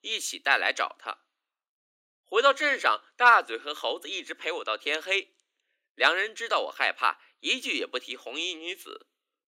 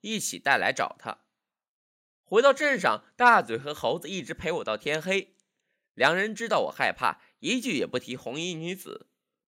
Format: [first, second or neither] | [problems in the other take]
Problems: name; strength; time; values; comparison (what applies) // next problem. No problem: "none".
second | thin; somewhat; fading below 300 Hz